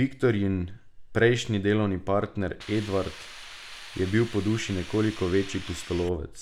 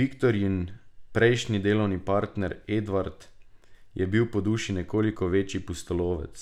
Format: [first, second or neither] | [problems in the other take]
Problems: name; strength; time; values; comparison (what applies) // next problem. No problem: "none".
second | background sound (Hiss); 16 dB below the speech